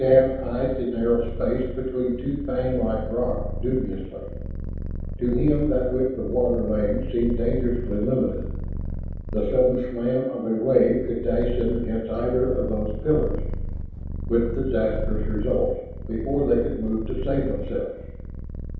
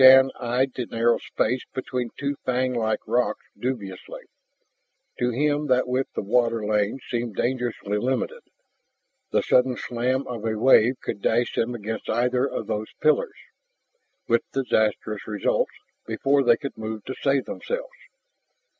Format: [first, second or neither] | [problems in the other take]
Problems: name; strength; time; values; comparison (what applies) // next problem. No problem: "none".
second | background sound (Purr); 5 dB below the speech // room echo; dies away in 0.9 s